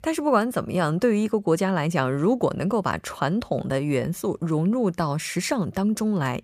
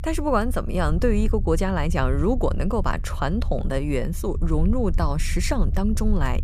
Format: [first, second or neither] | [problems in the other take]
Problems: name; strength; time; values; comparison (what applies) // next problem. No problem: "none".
first | low rumble; noticeable; throughout; 20 dB below the speech